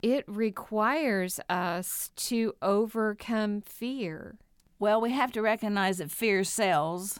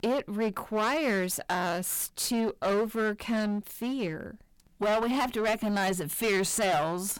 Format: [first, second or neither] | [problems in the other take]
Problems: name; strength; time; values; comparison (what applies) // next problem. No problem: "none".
first | distortion; heavy; 17% of the sound clipped